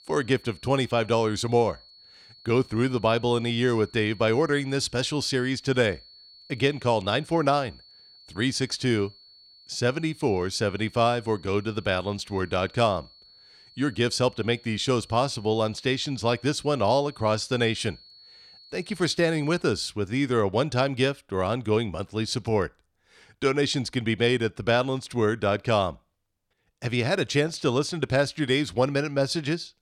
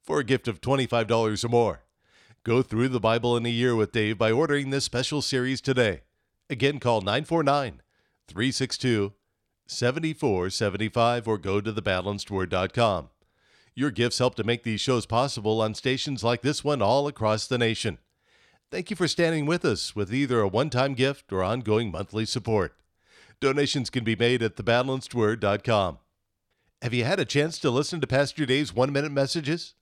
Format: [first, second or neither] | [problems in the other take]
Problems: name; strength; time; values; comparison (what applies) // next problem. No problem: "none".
second | high-pitched whine; faint; until 20 s; 4.5 kHz, 25 dB below the speech